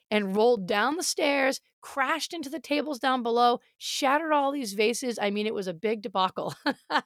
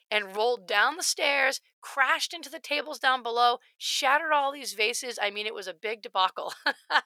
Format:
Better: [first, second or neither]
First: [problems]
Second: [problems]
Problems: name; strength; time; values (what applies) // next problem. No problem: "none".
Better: first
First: none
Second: thin; very; fading below 650 Hz